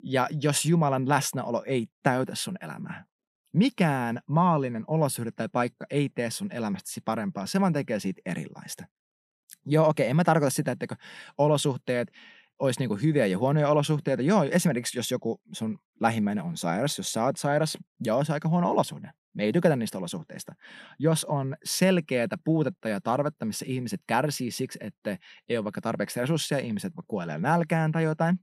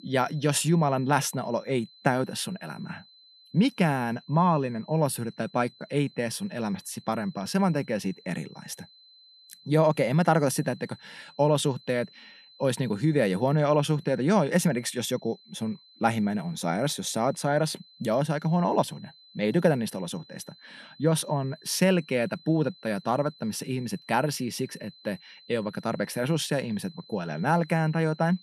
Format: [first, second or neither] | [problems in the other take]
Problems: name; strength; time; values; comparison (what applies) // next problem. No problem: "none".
first | high-pitched whine; faint; throughout; 4 kHz, 25 dB below the speech